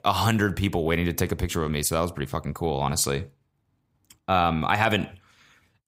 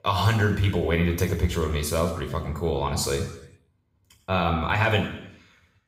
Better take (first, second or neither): first